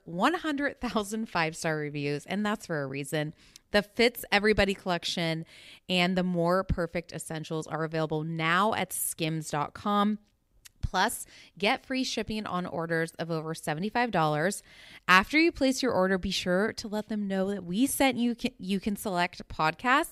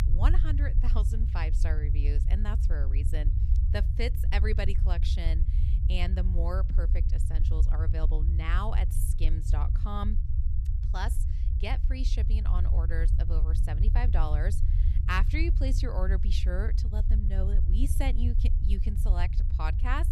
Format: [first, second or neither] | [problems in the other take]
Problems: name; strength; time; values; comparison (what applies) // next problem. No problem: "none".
first | low rumble; loud; throughout; 8 dB below the speech